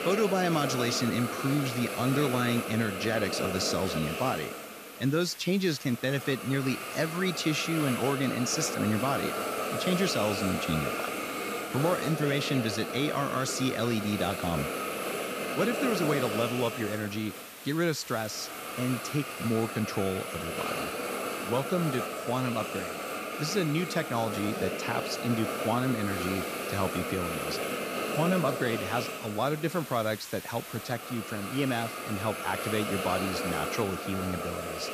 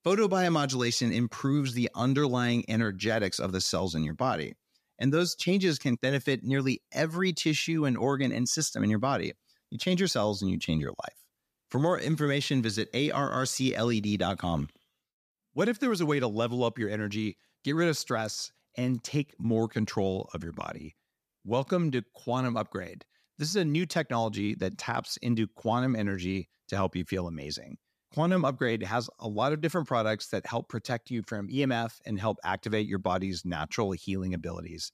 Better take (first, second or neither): second